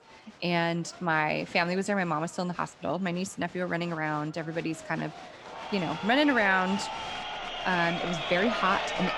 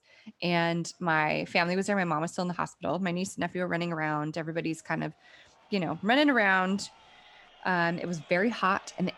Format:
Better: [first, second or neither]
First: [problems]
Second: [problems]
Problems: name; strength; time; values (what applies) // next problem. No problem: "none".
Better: second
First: crowd noise; loud; throughout; 5 dB below the speech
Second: crowd noise; faint; throughout; 25 dB below the speech